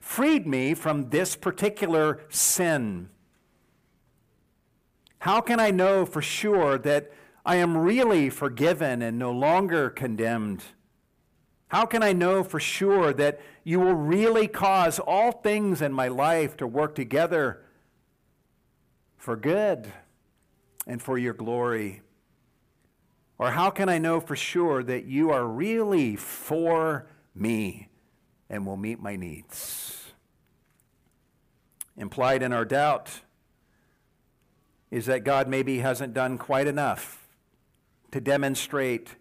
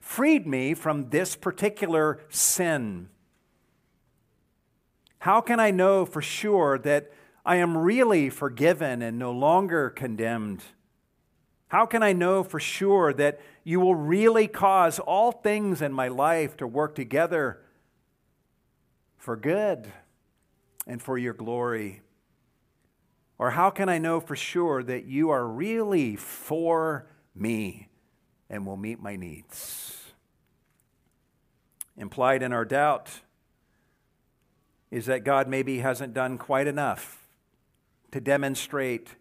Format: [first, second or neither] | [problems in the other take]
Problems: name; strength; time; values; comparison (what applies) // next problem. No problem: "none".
second | distortion; slight; 10 dB below the speech